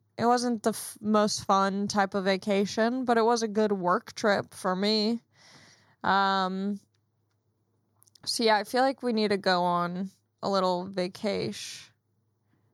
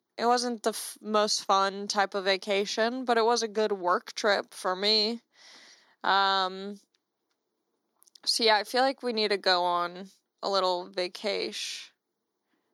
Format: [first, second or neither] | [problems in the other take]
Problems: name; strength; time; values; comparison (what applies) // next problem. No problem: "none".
first | thin; very slightly; fading below 250 Hz